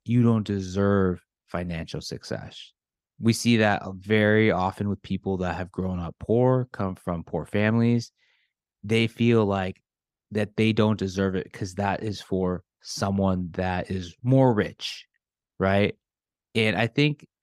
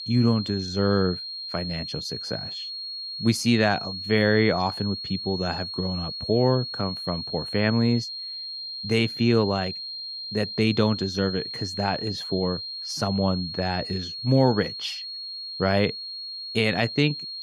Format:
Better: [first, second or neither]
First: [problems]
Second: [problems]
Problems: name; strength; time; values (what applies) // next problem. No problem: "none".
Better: first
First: none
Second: high-pitched whine; loud; throughout; 4.5 kHz, 7 dB below the speech